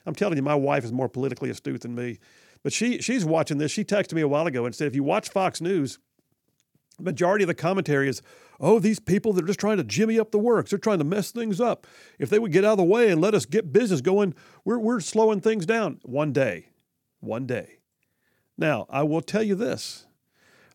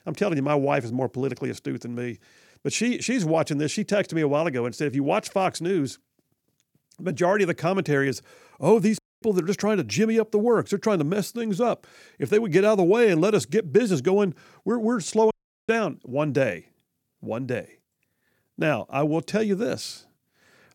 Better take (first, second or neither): first